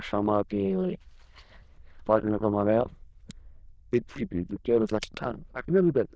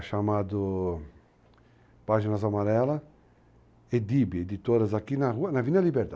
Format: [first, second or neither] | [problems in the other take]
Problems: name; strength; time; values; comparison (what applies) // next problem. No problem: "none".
second | noise reduction (neural diffusion model UNIVERSE++)